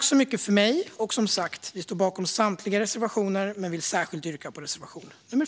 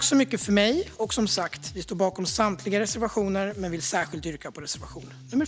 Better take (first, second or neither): first